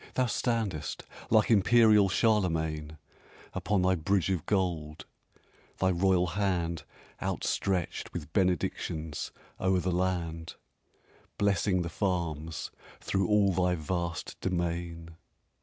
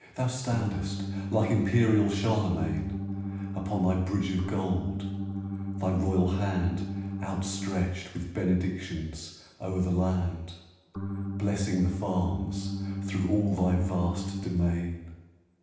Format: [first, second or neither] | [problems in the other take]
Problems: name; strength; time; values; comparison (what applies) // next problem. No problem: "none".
first | background sound (Organ); 3 dB below the speech // room echo; dies away in 0.9 s